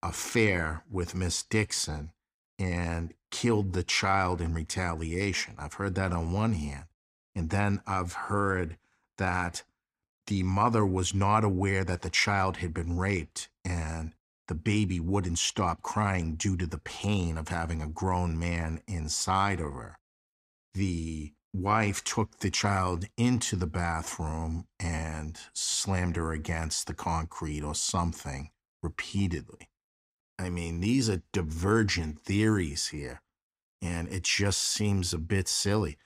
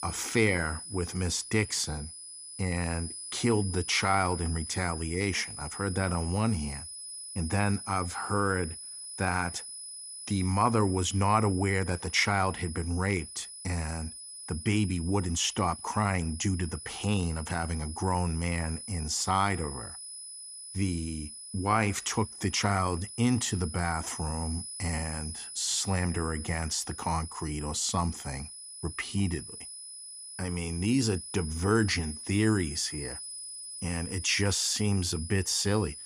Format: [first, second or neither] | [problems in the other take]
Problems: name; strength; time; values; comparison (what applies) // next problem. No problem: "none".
first | high-pitched whine; loud; throughout; 10 kHz, 10 dB below the speech